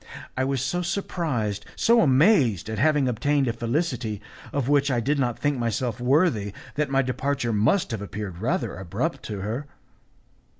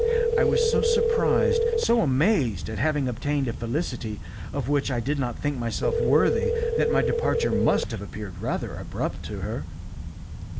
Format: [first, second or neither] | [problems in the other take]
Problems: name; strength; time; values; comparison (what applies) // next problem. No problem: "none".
first | background sound (Telephone); as loud as the speech